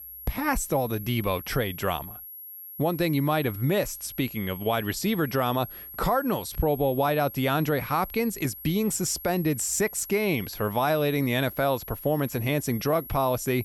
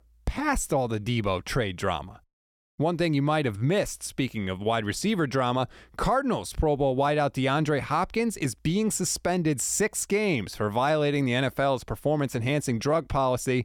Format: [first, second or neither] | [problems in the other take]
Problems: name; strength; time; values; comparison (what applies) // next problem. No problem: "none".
second | high-pitched whine; noticeable; throughout; 11.5 kHz, 10 dB below the speech